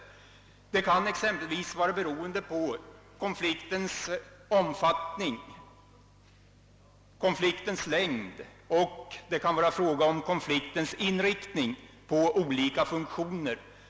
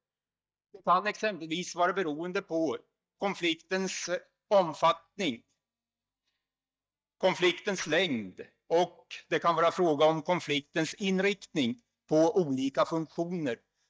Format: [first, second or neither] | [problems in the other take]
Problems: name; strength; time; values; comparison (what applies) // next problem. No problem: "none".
first | noise reduction (neural mask model DeepFilterNet 3)